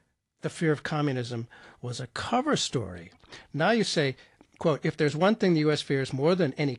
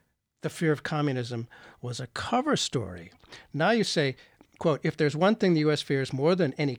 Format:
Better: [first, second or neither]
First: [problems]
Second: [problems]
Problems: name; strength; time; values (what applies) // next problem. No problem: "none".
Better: second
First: garbled, watery; slightly; nothing above 10 kHz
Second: none